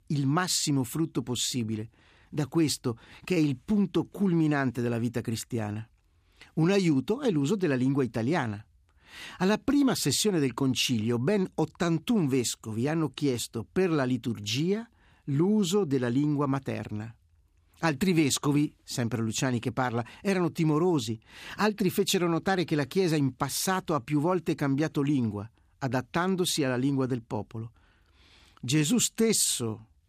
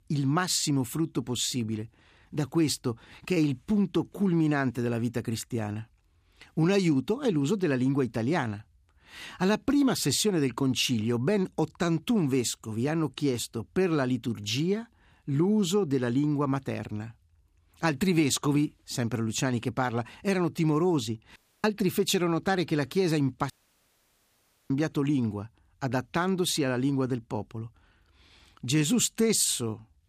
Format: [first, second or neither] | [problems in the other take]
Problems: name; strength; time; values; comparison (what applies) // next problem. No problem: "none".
first | audio cutting out; at 21 s and at 24 s for 1 s